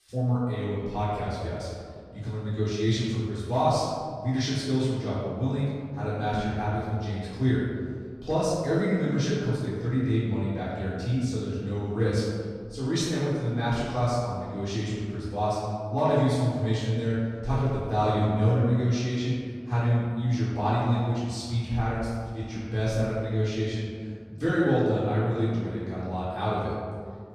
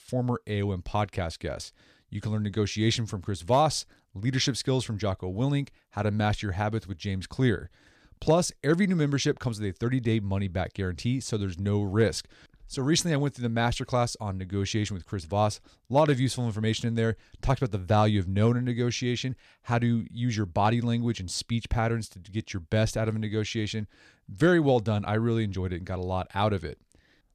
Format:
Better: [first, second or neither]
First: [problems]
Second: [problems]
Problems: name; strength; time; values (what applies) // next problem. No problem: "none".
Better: second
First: off-mic speech; far // room echo; strong; dies away in 1.8 s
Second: none